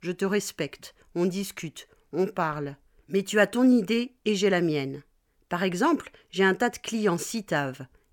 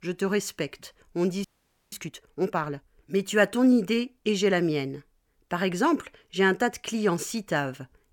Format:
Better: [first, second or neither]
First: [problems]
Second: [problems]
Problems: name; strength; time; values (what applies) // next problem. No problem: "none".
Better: first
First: none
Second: audio freezing; at 1.5 s